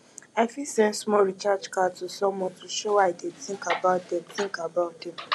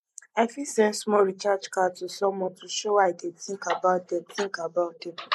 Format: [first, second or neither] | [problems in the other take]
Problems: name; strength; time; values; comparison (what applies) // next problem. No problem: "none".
first | noise reduction (neural mask model Resemble Enhance denoiser)